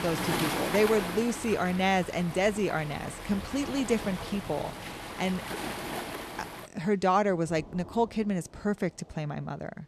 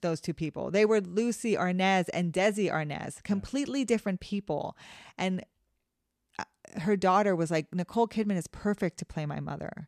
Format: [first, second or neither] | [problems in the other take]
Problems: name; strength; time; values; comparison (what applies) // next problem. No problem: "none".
second | rain or running water; loud; throughout; 7 dB below the speech